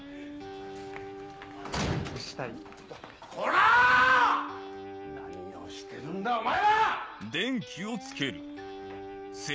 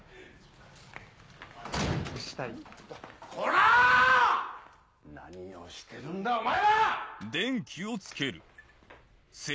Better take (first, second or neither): second